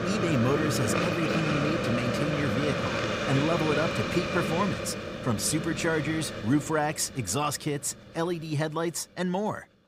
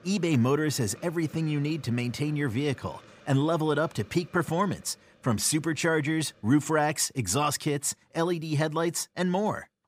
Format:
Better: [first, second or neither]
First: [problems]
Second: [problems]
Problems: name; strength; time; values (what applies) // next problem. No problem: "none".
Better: second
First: hiss; loud; throughout; 1 dB below the speech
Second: hiss; faint; throughout; 25 dB below the speech